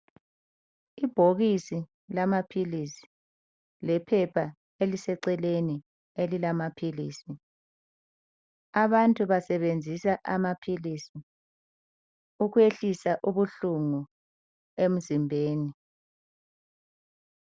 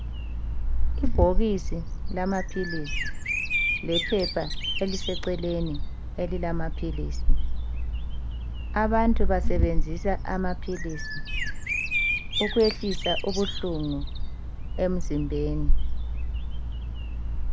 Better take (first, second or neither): first